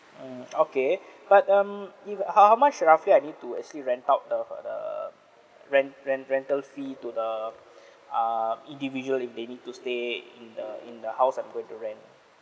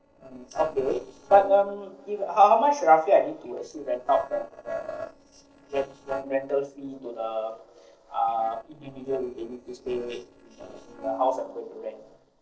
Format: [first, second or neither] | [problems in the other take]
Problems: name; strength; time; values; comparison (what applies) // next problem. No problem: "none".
first | noise reduction (neural separator model SepFormer DNS4)